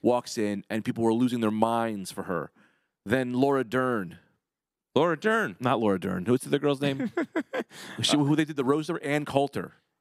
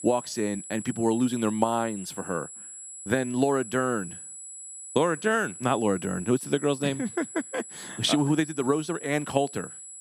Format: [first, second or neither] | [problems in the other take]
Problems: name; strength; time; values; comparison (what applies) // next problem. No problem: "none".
first | high-pitched whine; noticeable; throughout; 7.5 kHz, 10 dB below the speech